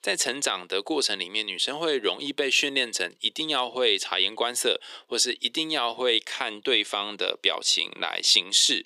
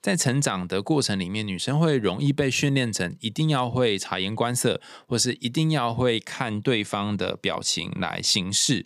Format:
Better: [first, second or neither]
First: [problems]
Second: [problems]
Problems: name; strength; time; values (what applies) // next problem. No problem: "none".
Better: second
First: thin; somewhat; fading below 350 Hz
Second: none